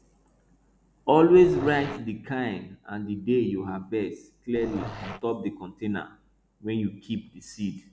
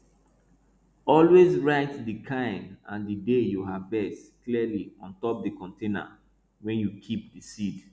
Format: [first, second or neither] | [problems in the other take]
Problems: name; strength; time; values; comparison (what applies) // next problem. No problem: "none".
second | background sound (Growling); 12 dB below the speech